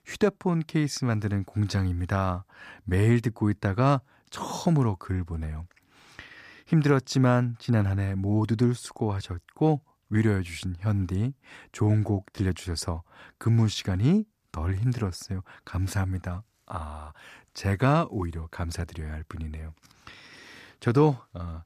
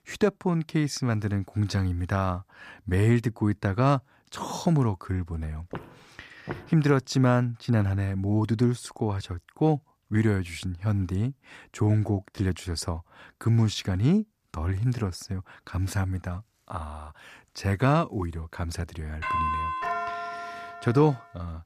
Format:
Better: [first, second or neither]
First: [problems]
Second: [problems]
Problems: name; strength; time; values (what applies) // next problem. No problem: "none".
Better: first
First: none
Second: footsteps; faint; at 5.5 s; peak 10 dB below the speech // doorbell; loud; from 19 to 21 s; peak level with the speech